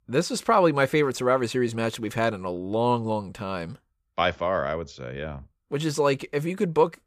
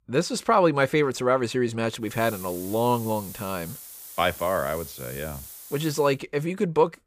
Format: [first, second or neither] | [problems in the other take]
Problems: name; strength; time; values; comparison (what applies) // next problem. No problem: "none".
first | hiss; noticeable; from 2 to 6 s; 15 dB below the speech